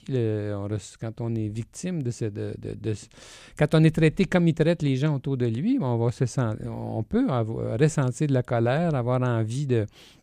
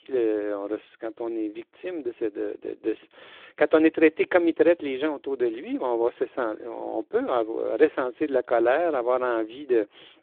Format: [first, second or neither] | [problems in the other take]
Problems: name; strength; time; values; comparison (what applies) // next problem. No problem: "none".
first | phone-call audio